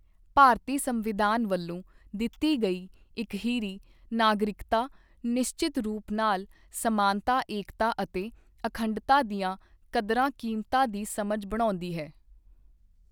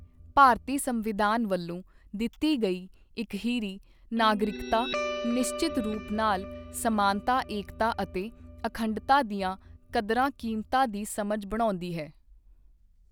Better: first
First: none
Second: background sound (Guitar); 13 dB below the speech

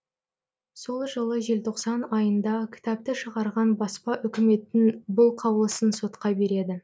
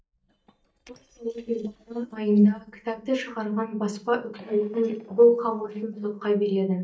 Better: first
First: none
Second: noise reduction (neural mask model DeepFilterNet 3)

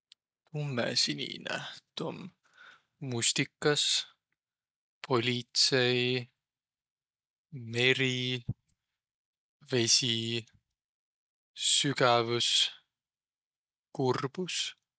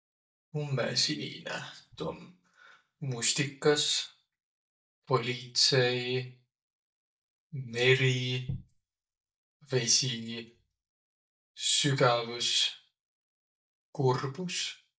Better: first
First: none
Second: noise reduction (neural mask model DeepFilterNet 3)

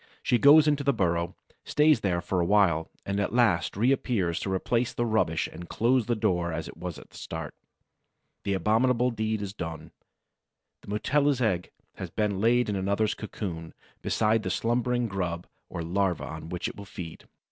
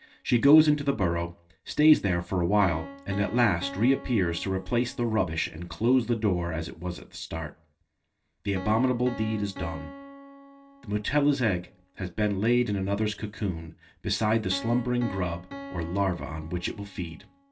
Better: first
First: none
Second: background sound (Piano); 17 dB below the speech // room echo; dies away in 0.2 s

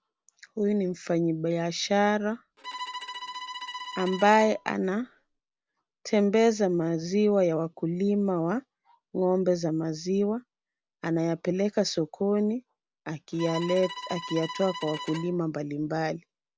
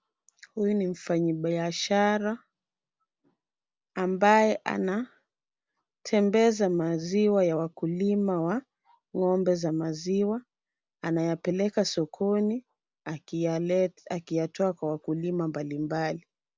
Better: second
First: background sound (Bowed string instrument); 12 dB below the speech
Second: none

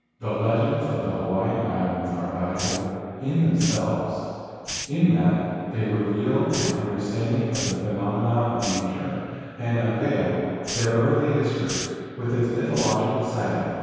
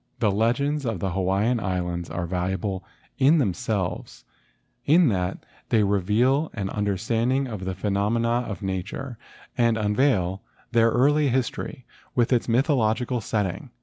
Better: second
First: background sound (Hiss); 12 dB below the speech // room echo; dies away in 2.2 s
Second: none

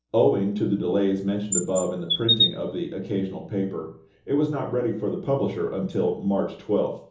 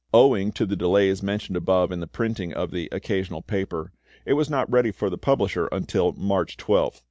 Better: second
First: background sound (Chirp, tweet); 1 dB below the speech // room echo; dies away in 1.2 s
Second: none

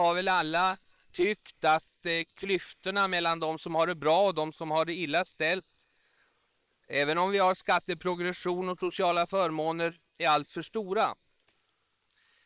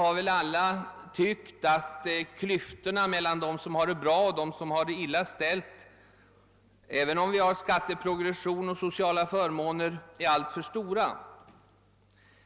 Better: second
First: noise reduction (neural separator model SepFormer WHAM!)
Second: none

